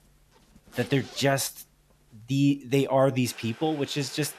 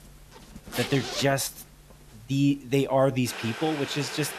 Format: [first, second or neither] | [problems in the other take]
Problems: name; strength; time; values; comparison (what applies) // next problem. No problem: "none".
first | household noises; loud; throughout; 9 dB below the speech; faint in the first